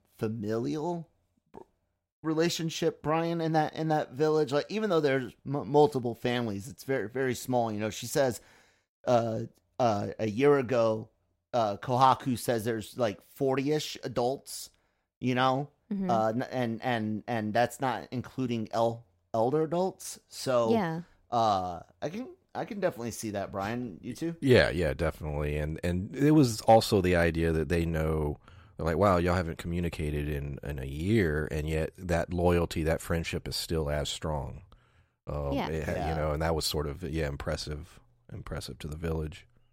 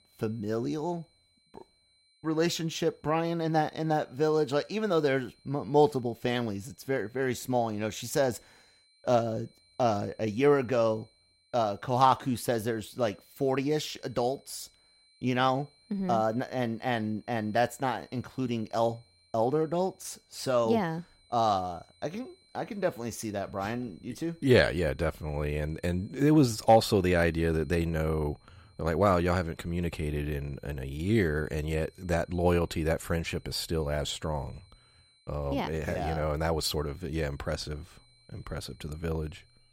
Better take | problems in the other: first | high-pitched whine; faint; throughout; 4 kHz, 35 dB below the speech

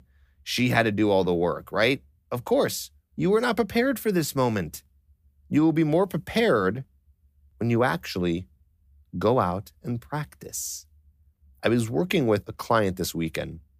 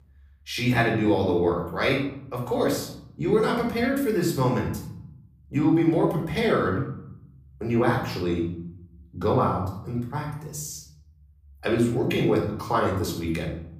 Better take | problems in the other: first | room echo; noticeable; dies away in 0.7 s // off-mic speech; somewhat distant

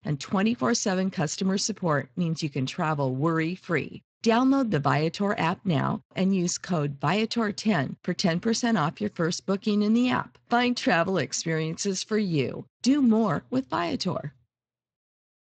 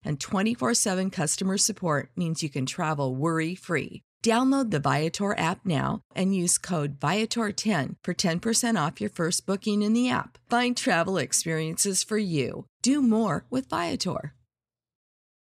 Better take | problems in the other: second | garbled, watery; slightly; nothing above 7.5 kHz

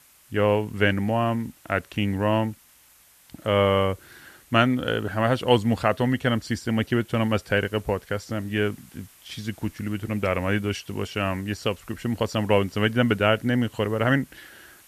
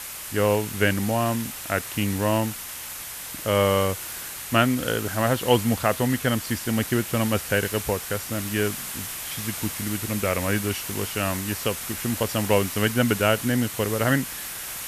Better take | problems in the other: first | hiss; loud; throughout; 7 dB below the speech; faint in the first

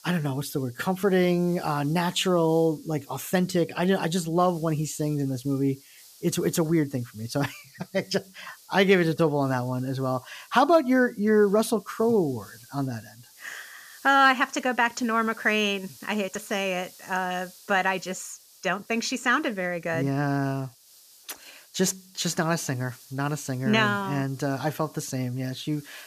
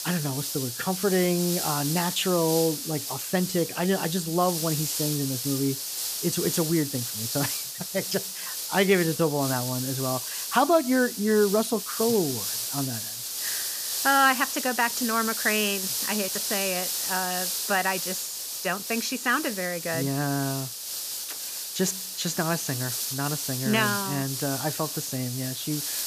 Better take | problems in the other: first | hiss; loud; throughout; 3 dB below the speech; faint in the first

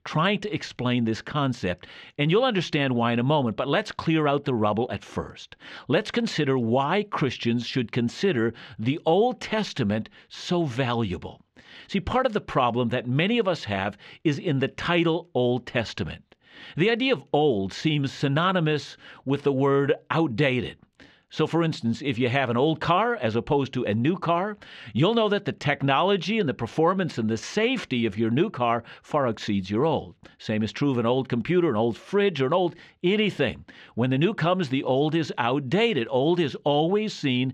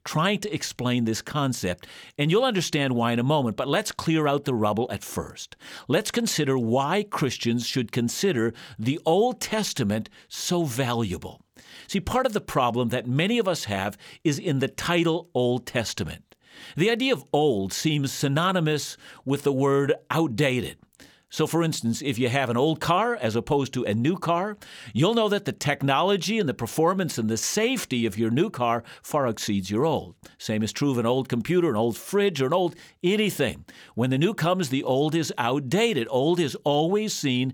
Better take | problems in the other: second | muffled; slightly; fading above 3 kHz

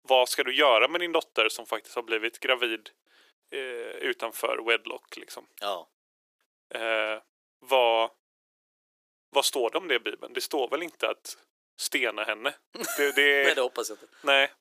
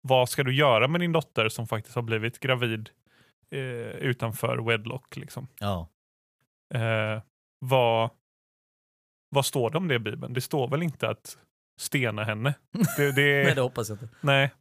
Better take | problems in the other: second | thin; very; fading below 300 Hz

